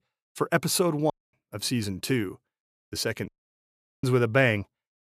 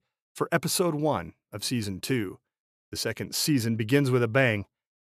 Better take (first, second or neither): second